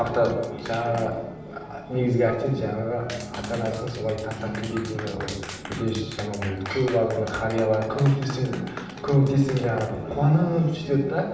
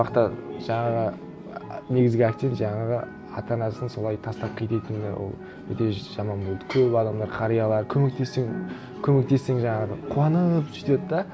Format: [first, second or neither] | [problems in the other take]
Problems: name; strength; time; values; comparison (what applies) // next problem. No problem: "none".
second | background sound (Clapping); 16 dB below the speech // room echo; dies away in 0.8 s